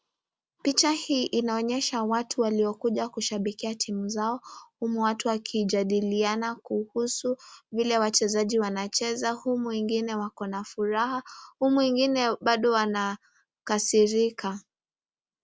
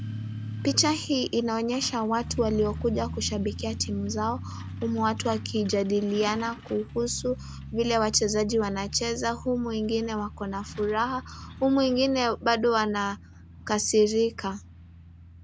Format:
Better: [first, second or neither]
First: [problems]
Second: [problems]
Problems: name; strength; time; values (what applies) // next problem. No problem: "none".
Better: first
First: none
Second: background sound (Truck); 12 dB below the speech